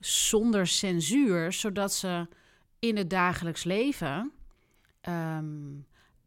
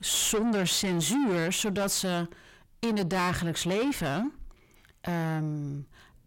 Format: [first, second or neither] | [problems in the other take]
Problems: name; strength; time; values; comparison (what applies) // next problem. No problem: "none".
first | distortion; heavy; 7 dB below the speech